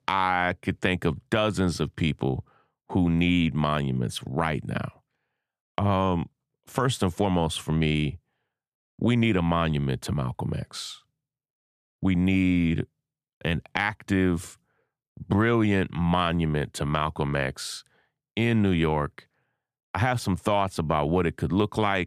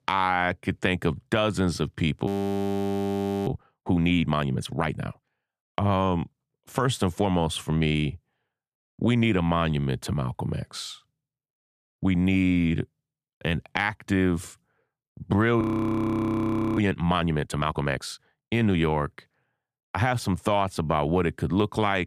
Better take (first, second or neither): first